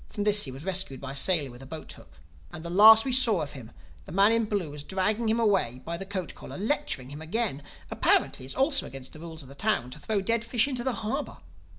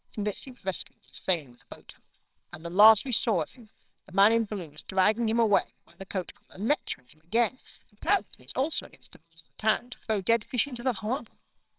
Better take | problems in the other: first | noise reduction (neural separator model SepFormer WHAMR!)

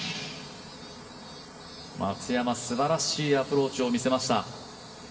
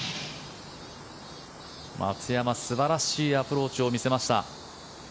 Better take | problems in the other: second | room echo; dies away in 1.6 s

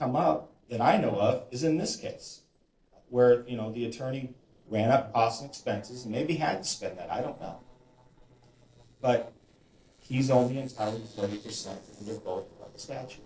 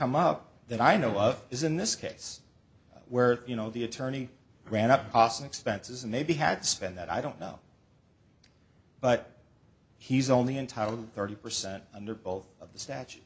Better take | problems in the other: second | noise reduction (neural separator model SepFormer DNS4)

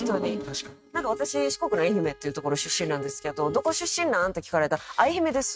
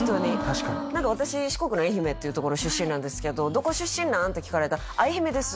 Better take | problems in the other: second | noise reduction (neural mask model RNNoise)

